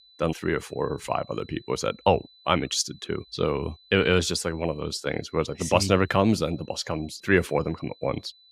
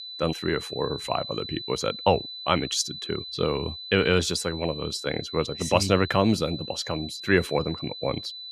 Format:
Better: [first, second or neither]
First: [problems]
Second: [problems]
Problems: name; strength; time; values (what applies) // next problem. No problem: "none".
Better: first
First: high-pitched whine; faint; throughout; 4 kHz, 25 dB below the speech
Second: high-pitched whine; loud; throughout; 4 kHz, 9 dB below the speech